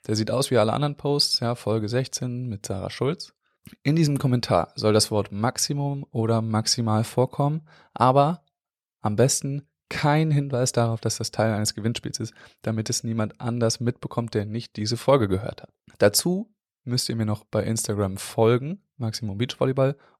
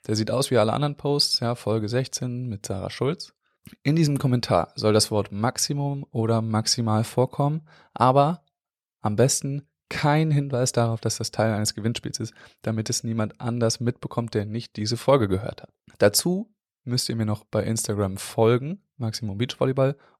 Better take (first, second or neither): neither